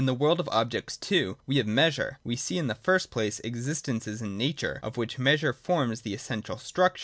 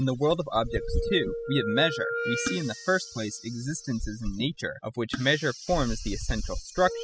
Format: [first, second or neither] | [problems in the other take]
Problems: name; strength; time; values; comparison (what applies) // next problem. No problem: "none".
first | noise reduction (classical method spectral subtraction)